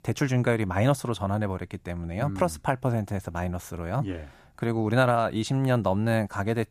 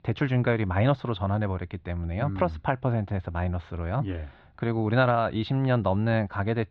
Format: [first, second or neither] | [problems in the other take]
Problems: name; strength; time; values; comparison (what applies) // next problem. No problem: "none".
first | muffled; slightly; fading above 4 kHz